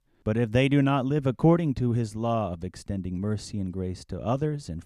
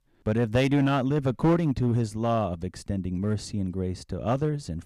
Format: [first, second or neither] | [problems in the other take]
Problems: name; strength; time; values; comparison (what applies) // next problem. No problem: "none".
first | distortion; slight; 4% of the sound clipped